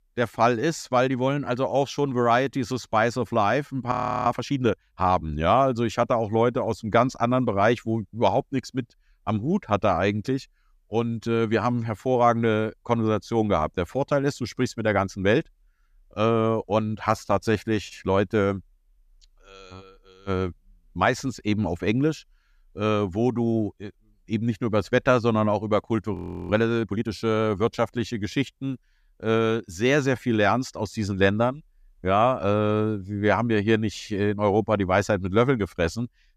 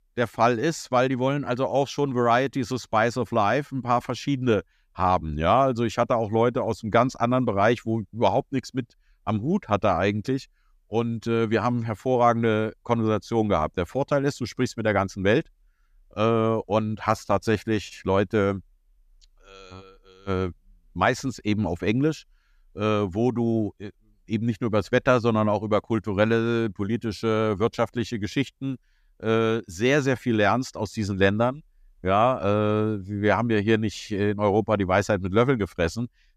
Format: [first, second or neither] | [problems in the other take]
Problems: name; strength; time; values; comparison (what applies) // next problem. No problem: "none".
second | audio freezing; at 4 s and at 26 s